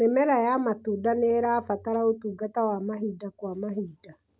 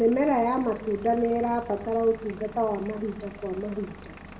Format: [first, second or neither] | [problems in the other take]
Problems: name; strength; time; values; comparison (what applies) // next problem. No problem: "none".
first | background sound (Engine / Vehicle); 17 dB below the speech // room echo; dies away in 1 s